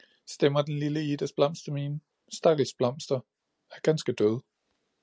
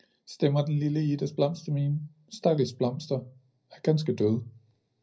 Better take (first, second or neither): first